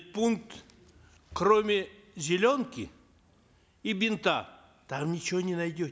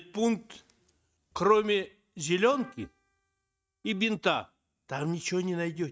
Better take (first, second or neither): first